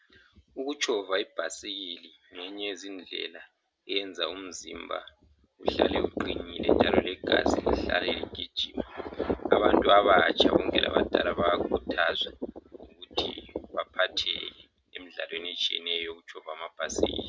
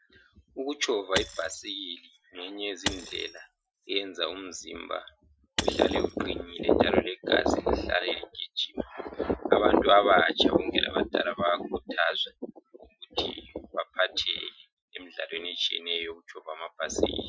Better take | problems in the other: first | noise reduction (classical method Wiener filter)

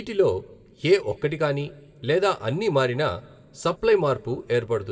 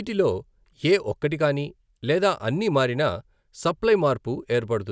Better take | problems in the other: second | room echo; dies away in 1.5 s

